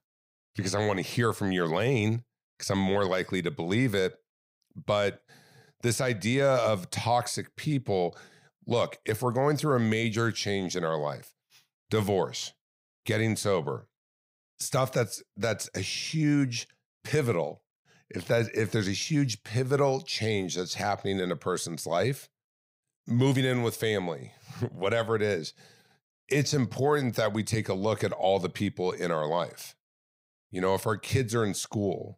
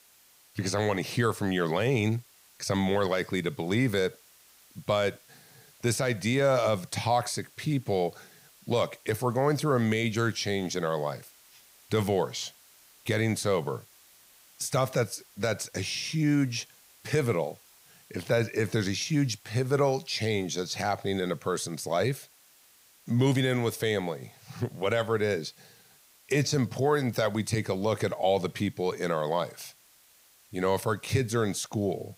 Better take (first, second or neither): first